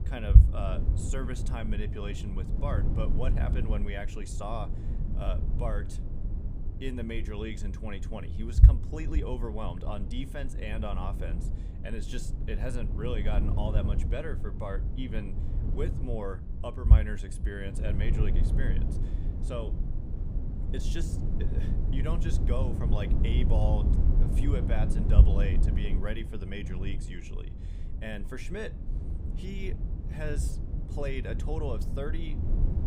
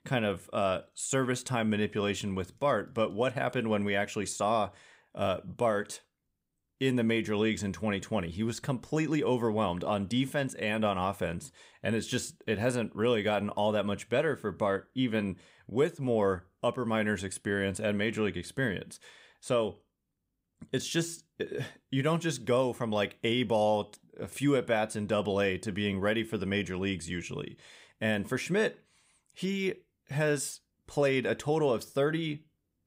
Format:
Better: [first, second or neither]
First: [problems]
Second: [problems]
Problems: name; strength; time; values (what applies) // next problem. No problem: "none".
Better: second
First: low rumble; loud; throughout; 5 dB below the speech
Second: none